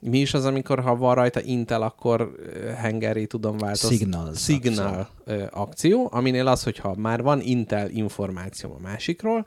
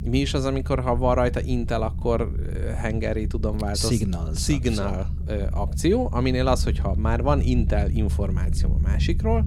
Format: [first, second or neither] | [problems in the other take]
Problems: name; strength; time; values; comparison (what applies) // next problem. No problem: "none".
first | low rumble; noticeable; throughout; 15 dB below the speech